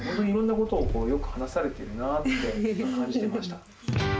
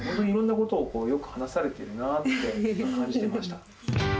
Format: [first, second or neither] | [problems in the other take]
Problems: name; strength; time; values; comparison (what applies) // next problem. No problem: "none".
second | background sound (Engine starting / Car); 7 dB below the speech